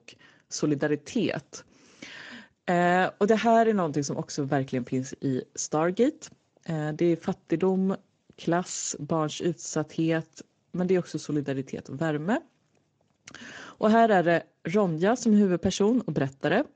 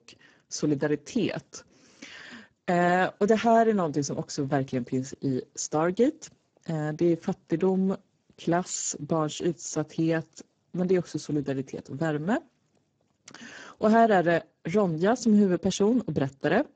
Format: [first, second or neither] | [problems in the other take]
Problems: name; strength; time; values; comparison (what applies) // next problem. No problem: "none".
first | garbled, watery; badly; nothing above 7.5 kHz; slightly in the first